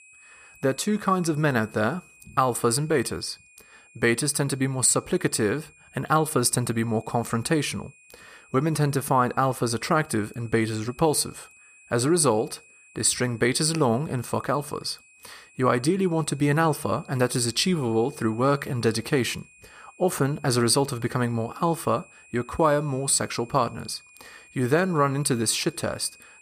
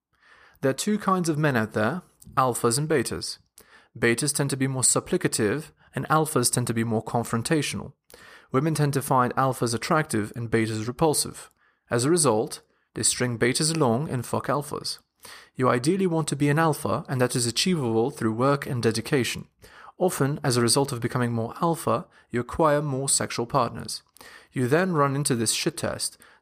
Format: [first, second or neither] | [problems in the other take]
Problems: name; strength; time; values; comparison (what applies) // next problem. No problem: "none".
second | high-pitched whine; faint; throughout; 2.5 kHz, 25 dB below the speech